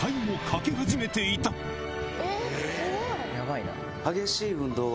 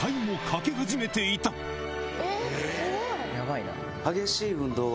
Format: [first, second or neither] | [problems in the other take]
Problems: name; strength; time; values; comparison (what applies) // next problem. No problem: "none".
second | background sound (Thunder / Wind); 10 dB below the speech